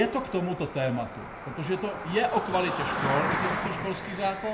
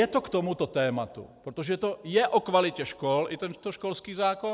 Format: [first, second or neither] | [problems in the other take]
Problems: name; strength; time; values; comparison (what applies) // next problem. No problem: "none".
second | background sound (Cricket); 4 dB below the speech // room echo; dies away in 0.9 s